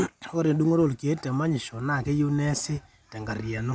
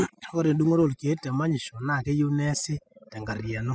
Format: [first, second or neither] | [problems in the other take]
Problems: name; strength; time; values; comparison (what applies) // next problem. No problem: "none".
first | noise reduction (classical method spectral subtraction)